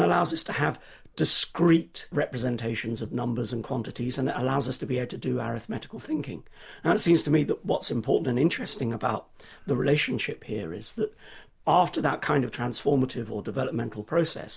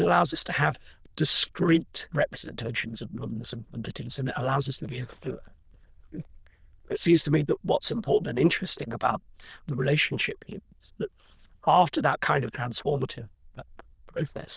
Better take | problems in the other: first | noise reduction (neural diffusion model UNIVERSE++)

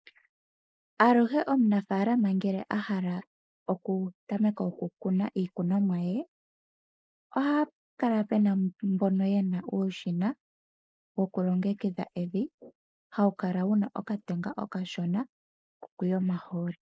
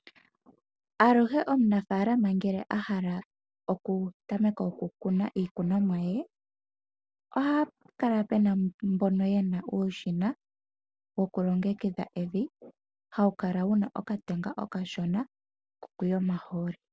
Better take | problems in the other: second | noise reduction (neural mask model Resemble Enhance denoiser)

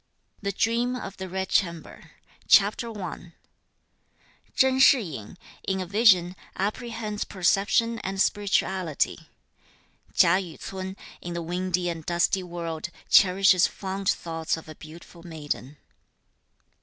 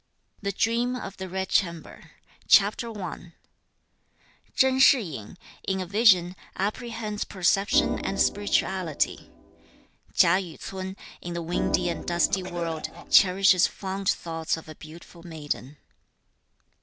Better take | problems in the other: first | background sound (Organ + Cough); 7 dB below the speech

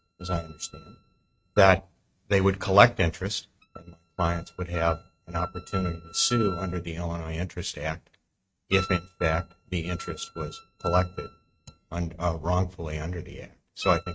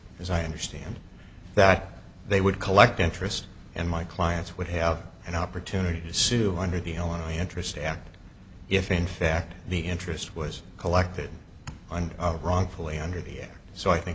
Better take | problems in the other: second | noise reduction (neural mask model RNNoise)

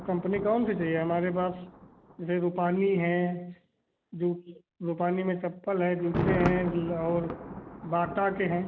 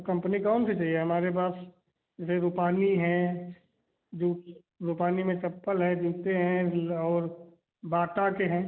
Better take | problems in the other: second | background sound (Thunder); 9 dB below the speech

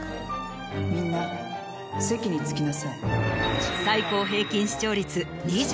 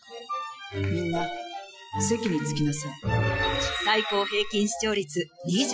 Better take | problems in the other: first | noise reduction (classical method Wiener filter)

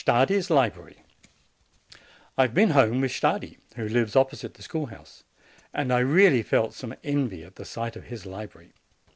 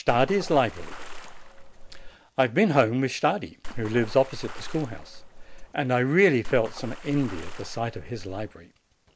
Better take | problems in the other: first | background sound (Water / Splash, splatter); 9 dB below the speech

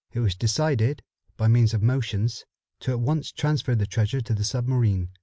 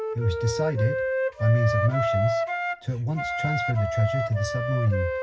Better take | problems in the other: first | background sound (Wind instrument, woodwind instrument); 2 dB below the speech // room echo; dies away in 0.4 s

